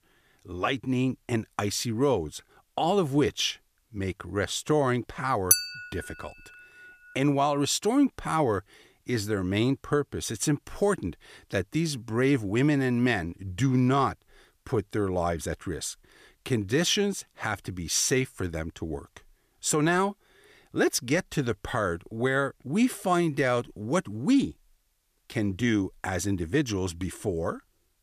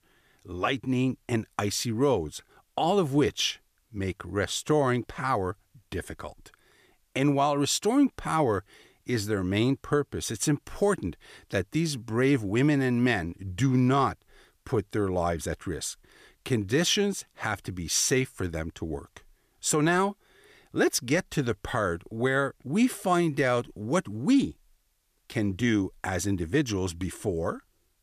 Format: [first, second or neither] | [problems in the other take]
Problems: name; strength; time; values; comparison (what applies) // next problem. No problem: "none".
second | clattering dishes; loud; at 5.5 s; peak 5 dB above the speech